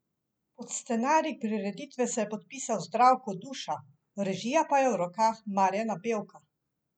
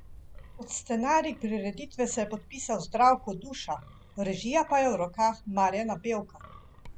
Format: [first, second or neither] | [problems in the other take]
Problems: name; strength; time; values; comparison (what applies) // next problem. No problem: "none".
first | background sound (Wind); 19 dB below the speech